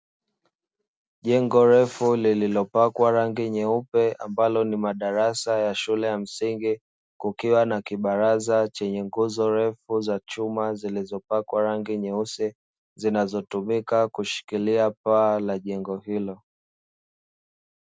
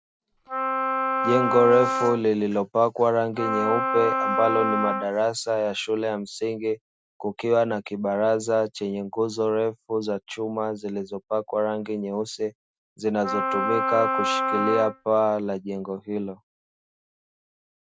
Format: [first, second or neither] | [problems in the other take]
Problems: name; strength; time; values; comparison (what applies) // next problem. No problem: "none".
first | background sound (Wind instrument, woodwind instrument); as loud as the speech